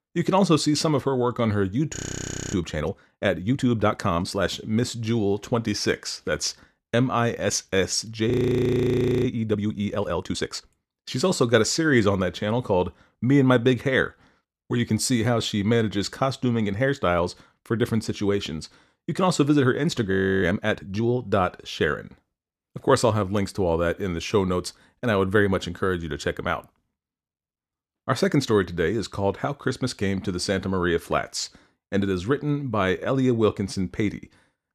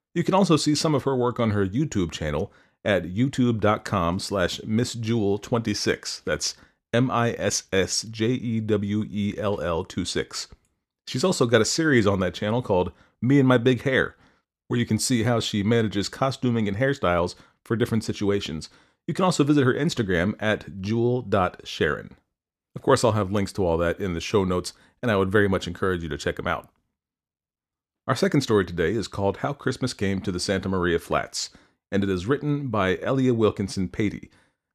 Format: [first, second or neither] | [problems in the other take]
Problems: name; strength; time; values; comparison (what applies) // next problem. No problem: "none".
second | audio freezing; at 2 s for 0.5 s, at 8.5 s for 1 s and at 20 s